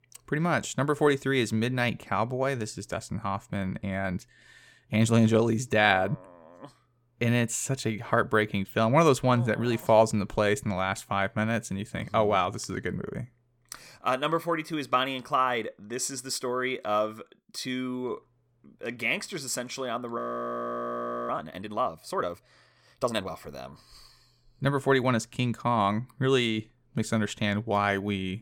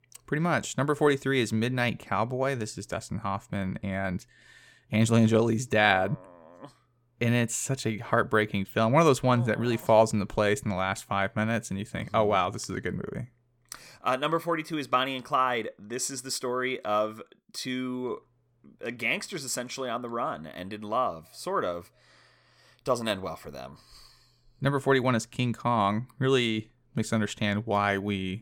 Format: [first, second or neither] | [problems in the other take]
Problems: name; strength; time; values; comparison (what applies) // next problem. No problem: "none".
second | audio freezing; at 20 s for 1 s